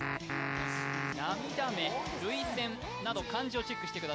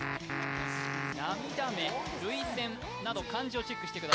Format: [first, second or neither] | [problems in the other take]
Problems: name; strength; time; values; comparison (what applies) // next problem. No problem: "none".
first | background sound (Fire); 4 dB below the speech